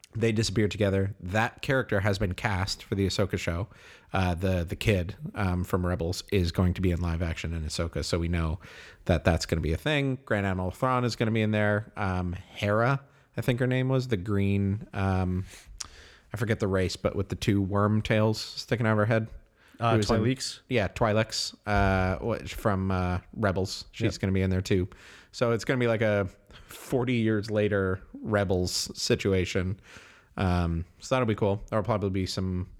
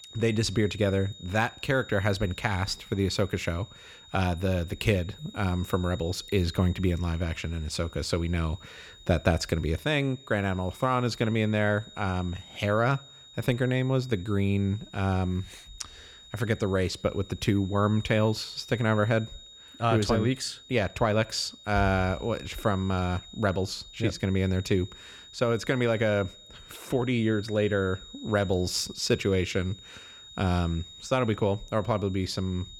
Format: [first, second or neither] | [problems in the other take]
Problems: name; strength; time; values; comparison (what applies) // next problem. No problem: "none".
first | high-pitched whine; noticeable; throughout; 3.5 kHz, 20 dB below the speech